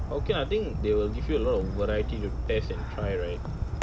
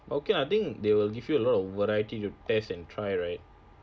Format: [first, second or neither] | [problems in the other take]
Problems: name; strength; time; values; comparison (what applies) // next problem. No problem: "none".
second | background sound (Fireworks); 1 dB below the speech